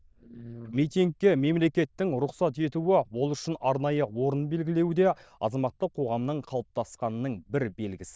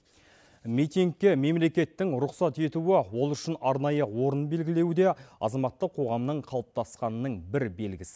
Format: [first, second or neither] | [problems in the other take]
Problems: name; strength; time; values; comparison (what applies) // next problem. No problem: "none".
second | noise reduction (neural diffusion model UNIVERSE++)